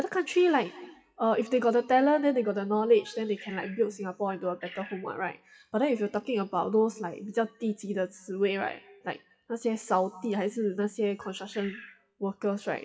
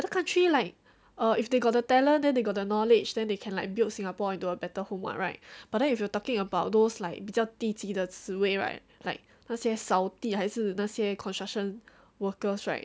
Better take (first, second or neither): second